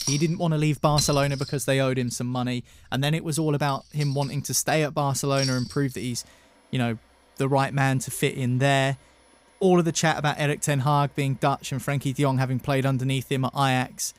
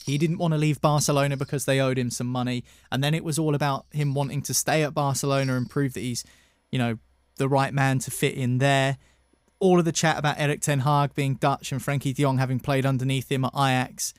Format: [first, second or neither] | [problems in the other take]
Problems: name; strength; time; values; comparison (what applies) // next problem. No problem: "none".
second | household noises; loud; throughout; 10 dB below the speech; faint in the second